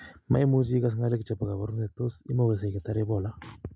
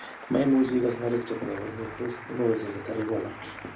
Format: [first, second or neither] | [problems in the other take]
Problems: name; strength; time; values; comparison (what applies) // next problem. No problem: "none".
first | background sound (Applause); 14 dB below the speech // room echo; dies away in 0.2 s